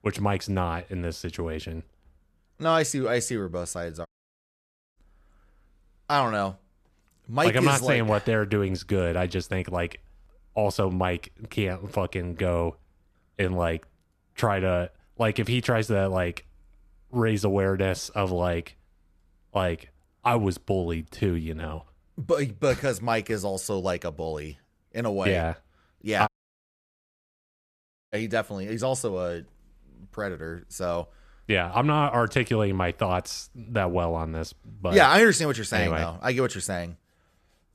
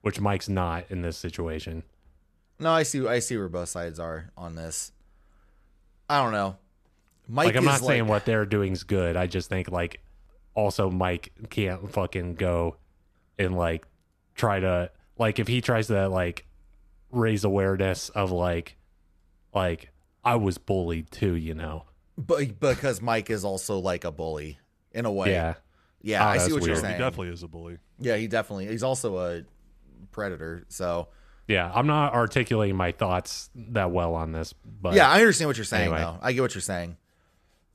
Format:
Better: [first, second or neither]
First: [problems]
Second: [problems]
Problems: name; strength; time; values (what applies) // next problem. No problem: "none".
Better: second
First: audio cutting out; at 4 s for 1 s and at 26 s for 2 s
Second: none